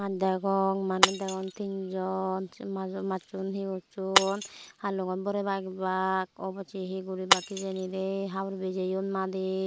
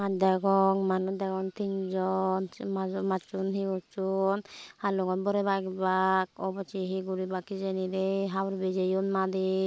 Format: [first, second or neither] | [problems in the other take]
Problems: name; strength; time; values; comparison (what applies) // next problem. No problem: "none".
second | background sound (Shatter); 4 dB below the speech